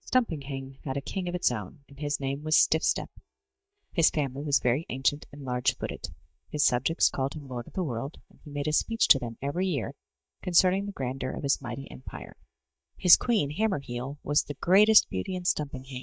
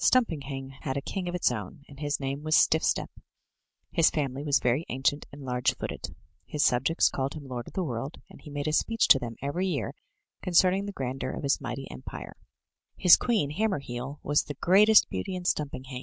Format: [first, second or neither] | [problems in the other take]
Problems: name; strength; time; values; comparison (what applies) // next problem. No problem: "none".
second | noise reduction (neural mask model DeepFilterNet 3)